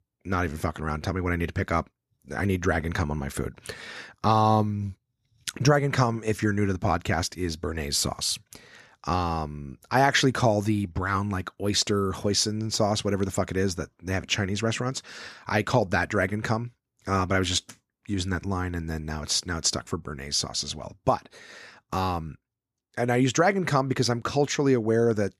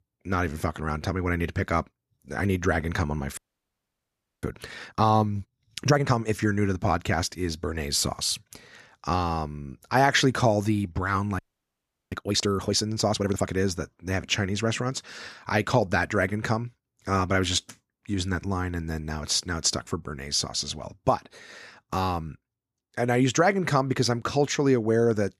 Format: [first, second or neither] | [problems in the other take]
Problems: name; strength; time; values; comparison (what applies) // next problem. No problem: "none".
first | audio freezing; at 3.5 s for 1 s and at 11 s for 0.5 s